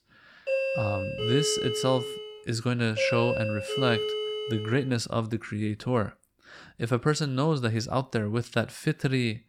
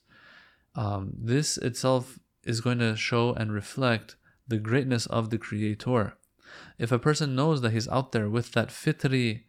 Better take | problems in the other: second | doorbell; loud; until 5 s; peak 1 dB above the speech

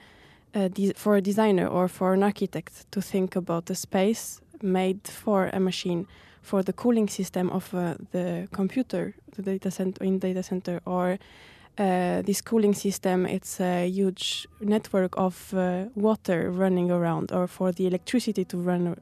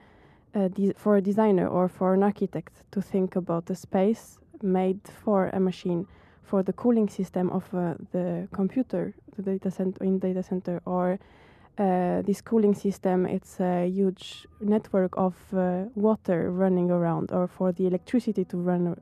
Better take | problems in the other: first | muffled; slightly; fading above 2 kHz

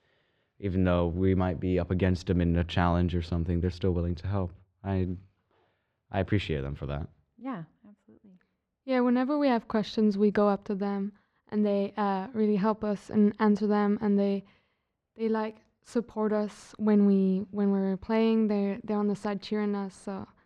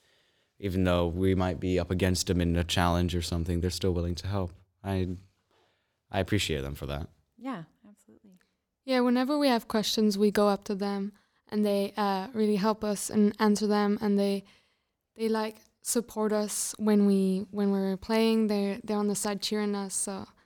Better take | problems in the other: second | muffled; slightly; fading above 2.5 kHz

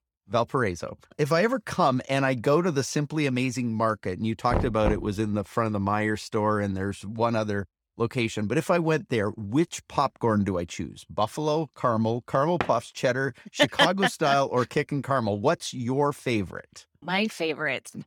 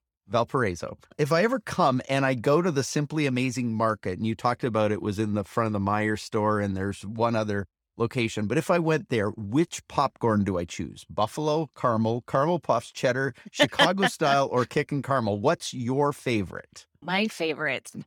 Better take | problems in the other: second | door banging; noticeable; at 4.5 s and at 13 s; peak 3 dB below the speech

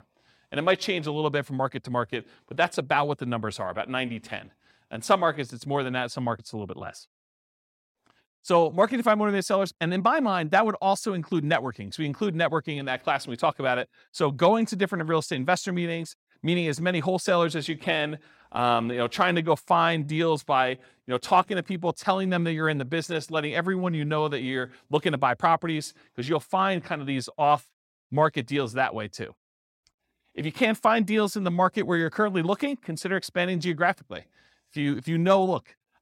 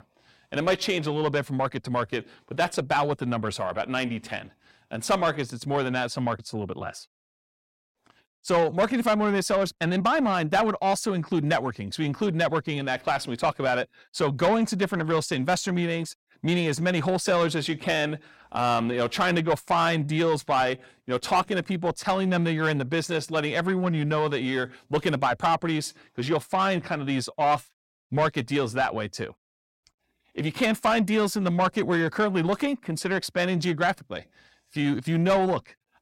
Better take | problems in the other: first | distortion; slight; 10 dB below the speech

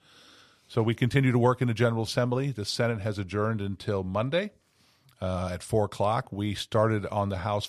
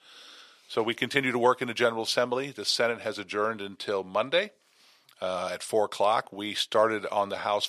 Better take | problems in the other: first | thin; somewhat; fading below 400 Hz

